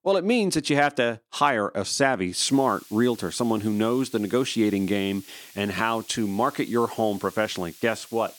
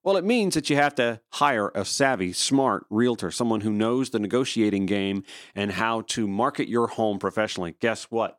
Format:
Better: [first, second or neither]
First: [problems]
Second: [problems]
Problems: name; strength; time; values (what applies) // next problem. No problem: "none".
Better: second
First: hiss; faint; from 2.5 s on; 20 dB below the speech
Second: none